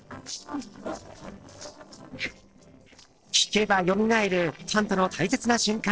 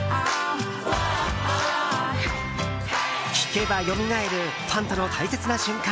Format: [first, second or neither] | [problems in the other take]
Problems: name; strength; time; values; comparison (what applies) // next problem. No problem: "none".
second | noise reduction (neural separator model SepFormer DNS4)